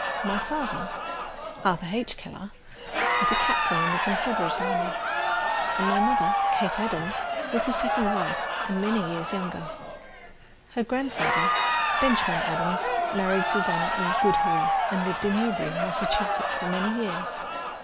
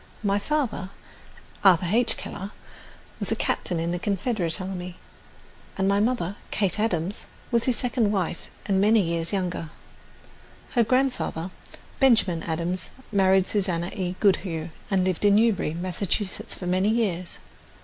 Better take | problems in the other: second | background sound (Crowd); 4 dB above the speech

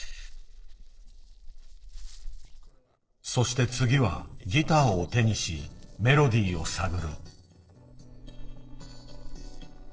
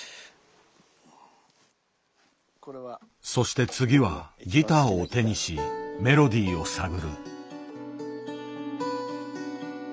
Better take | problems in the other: second | noise reduction (neural separator model SepFormer DNS4)

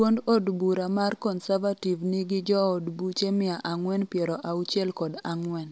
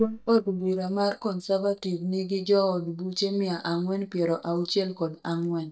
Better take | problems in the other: first | noise reduction (neural mask model DeepFilterNet 3)

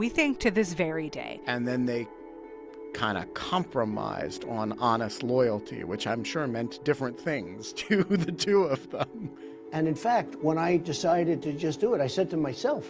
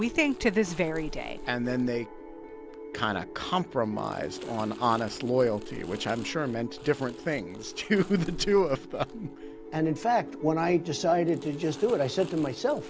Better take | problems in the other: first | background sound (Crumpling, crinkling); 18 dB below the speech

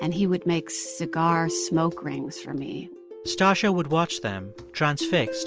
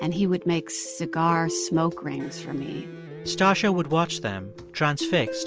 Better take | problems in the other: first | background sound (Electric guitar); 17 dB below the speech

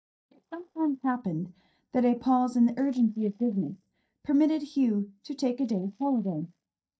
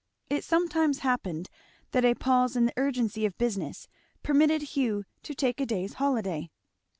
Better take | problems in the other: second | noise reduction (neural mask model DeepFilterNet 3)

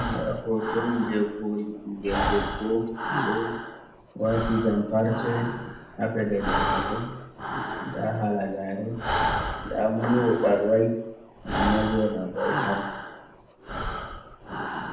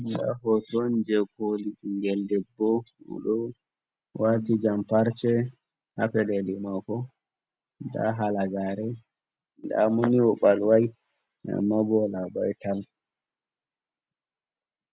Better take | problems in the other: second | background sound (Breathing); 4 dB below the speech // room echo; dies away in 0.7 s

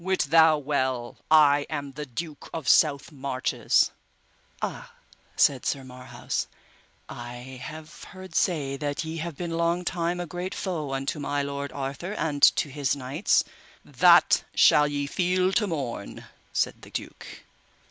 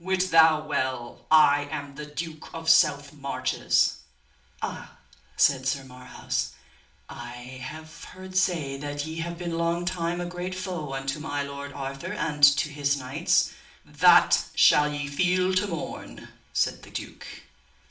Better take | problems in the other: first | room echo; dies away in 0.4 s

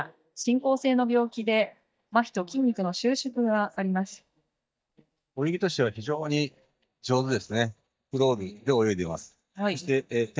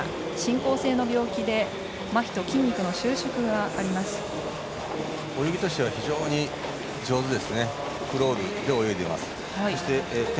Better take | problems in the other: second | noise reduction (neural mask model DeepFilterNet 3)

